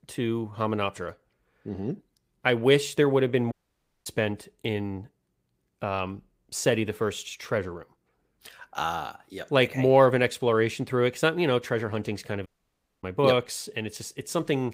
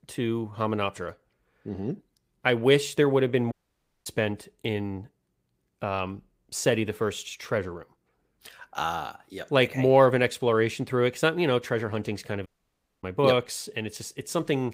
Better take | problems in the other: neither | audio cutting out; at 3.5 s for 0.5 s and at 12 s for 0.5 s; the same in both

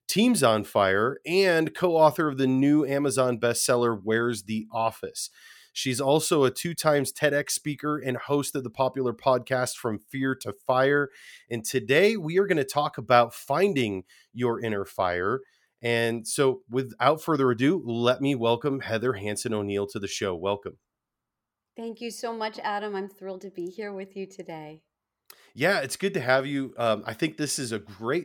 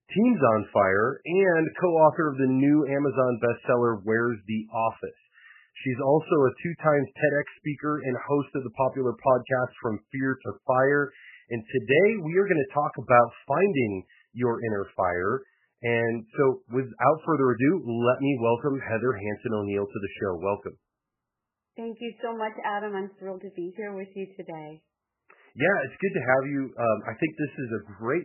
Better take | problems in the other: first | garbled, watery; badly; nothing above 3 kHz

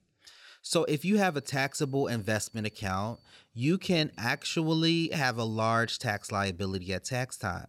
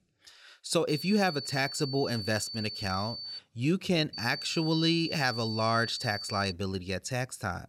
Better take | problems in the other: first | high-pitched whine; loud; from 1 to 3.5 s and from 4 to 6.5 s; 4.5 kHz, 7 dB below the speech; faint in the first

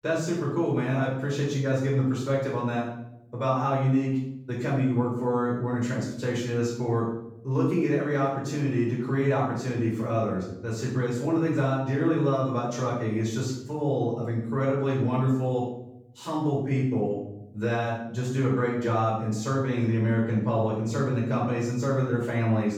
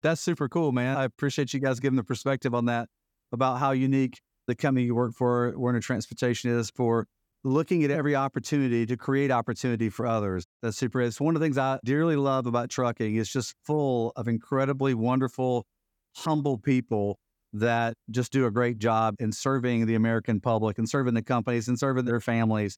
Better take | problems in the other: second | off-mic speech; far // room echo; noticeable; dies away in 0.7 s

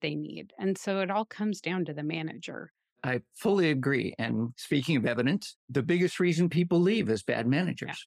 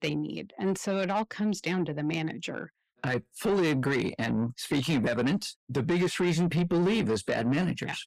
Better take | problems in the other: first | distortion; slight; 10 dB below the speech

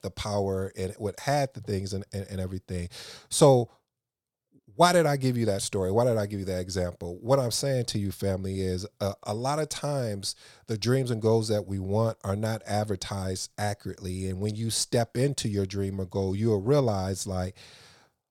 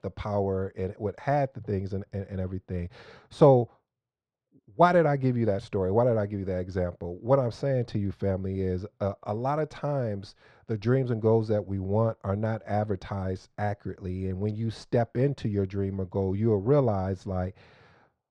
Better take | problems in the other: first | muffled; very; fading above 2 kHz

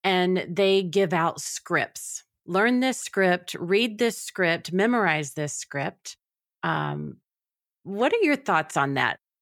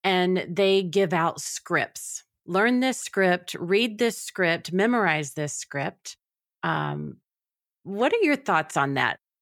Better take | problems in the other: neither | none

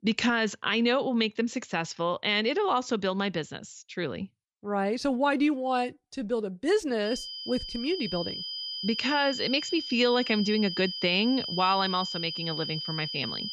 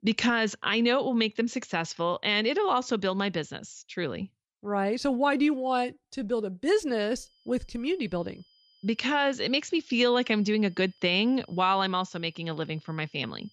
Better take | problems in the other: second | high-pitched whine; loud; from 7 s on; 5 kHz, 5 dB below the speech; faint in the second

